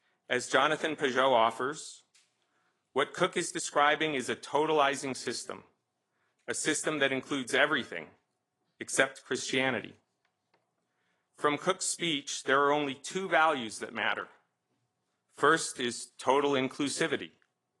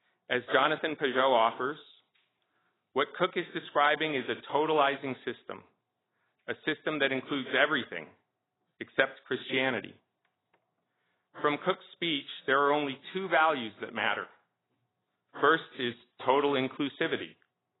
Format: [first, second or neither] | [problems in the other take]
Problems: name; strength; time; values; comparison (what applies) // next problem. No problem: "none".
first | garbled, watery; badly; nothing above 3.5 kHz; slightly in the first